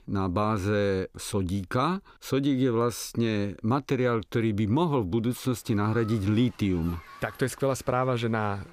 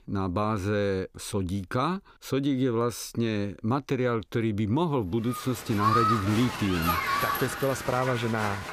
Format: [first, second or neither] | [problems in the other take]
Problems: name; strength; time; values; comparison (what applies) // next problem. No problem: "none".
first | crowd noise; loud; from 5.5 s on; 1 dB below the speech; faint in the first